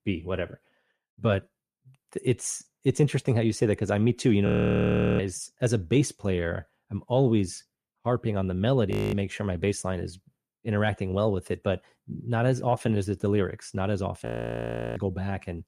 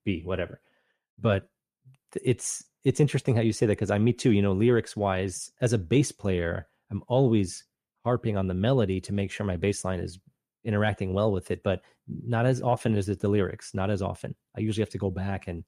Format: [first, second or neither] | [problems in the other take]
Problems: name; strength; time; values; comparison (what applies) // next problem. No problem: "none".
second | audio freezing; at 4.5 s for 0.5 s, at 9 s and at 14 s for 0.5 s